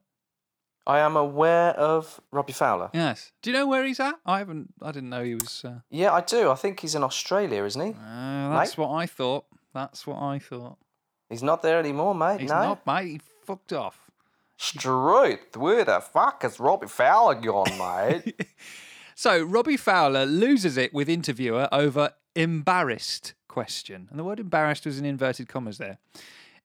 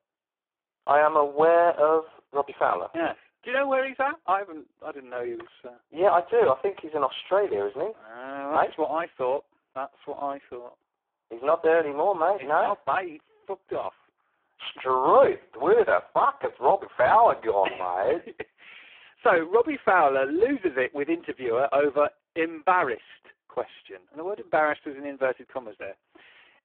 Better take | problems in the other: first | phone-call audio; poor line

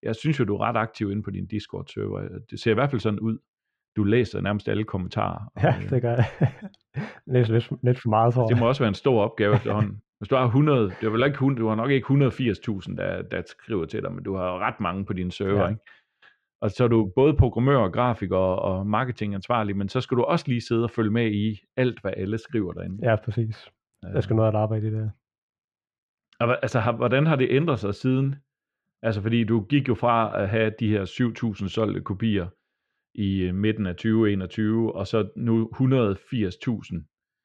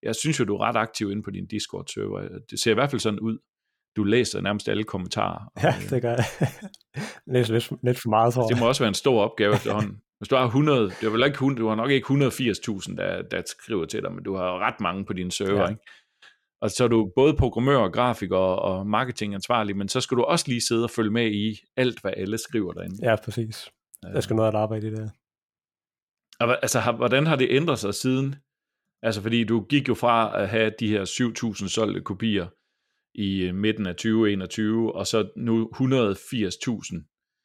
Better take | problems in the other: second | muffled; slightly; fading above 2.5 kHz

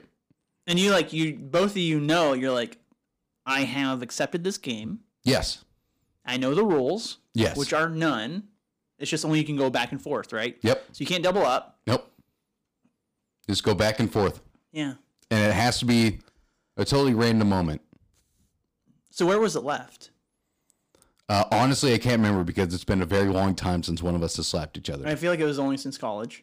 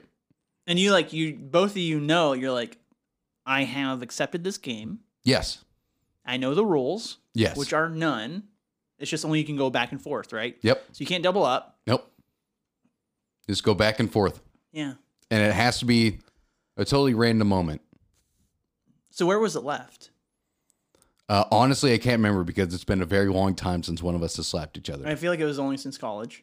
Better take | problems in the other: second | distortion; slight; 4% of the sound clipped

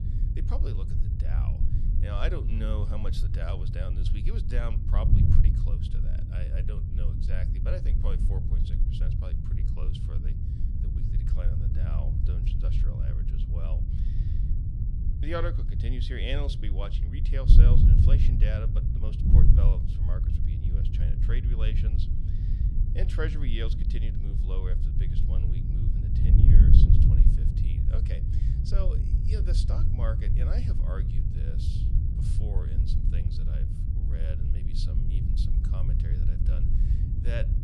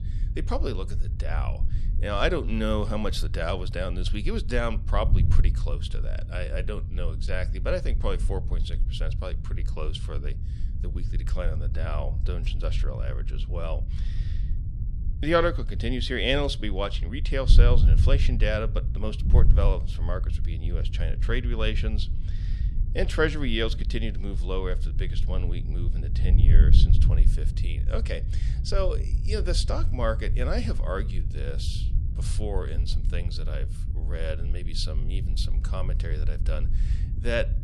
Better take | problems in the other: second | wind noise on the microphone; heavy; 1 dB below the speech; occasional gusts in the second

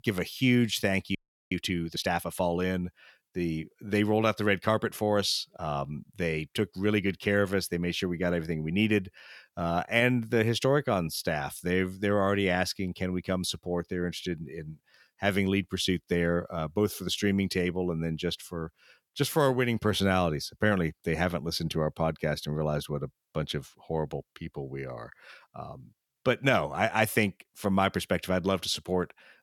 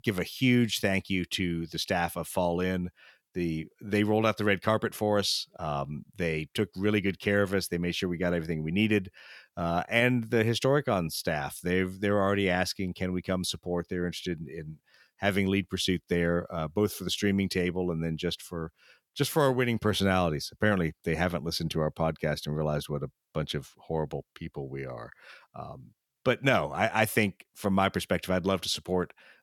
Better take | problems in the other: second | audio freezing; at 1 s

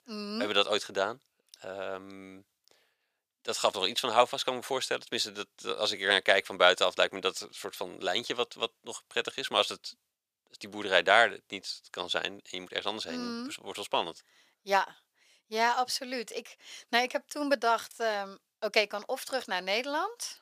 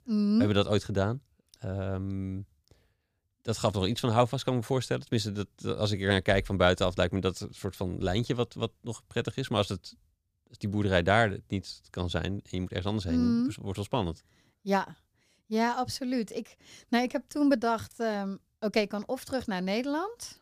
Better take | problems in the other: second | thin; very; fading below 600 Hz

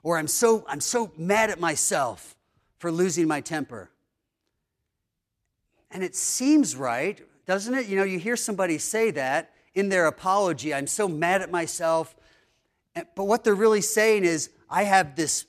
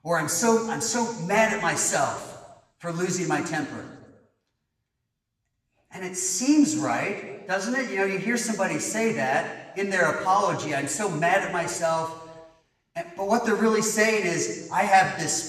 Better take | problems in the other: first | room echo; slight; dies away in 1.1 s // off-mic speech; somewhat distant

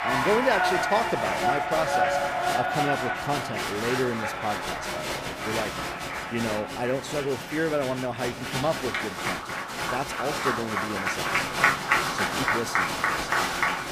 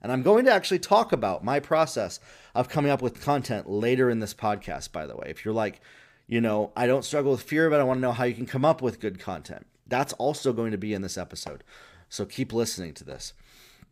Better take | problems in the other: second | crowd noise; very loud; throughout; 3 dB above the speech

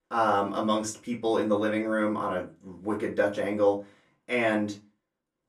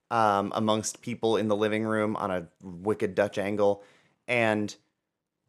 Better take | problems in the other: second | off-mic speech; far // room echo; very slight; dies away in 0.2 s

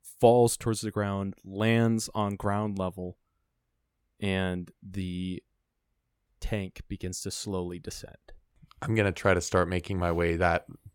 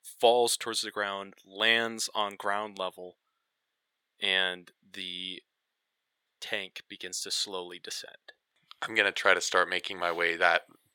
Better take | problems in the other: first | thin; very; fading below 550 Hz

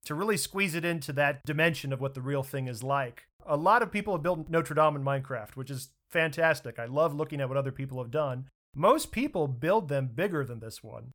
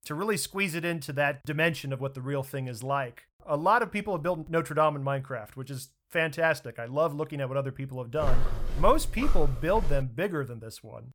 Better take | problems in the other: first | footsteps; noticeable; from 8 to 10 s; peak 4 dB below the speech

